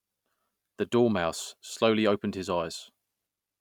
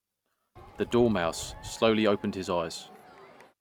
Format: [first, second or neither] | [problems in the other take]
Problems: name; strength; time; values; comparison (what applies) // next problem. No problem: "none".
first | background sound (Crowd); 18 dB below the speech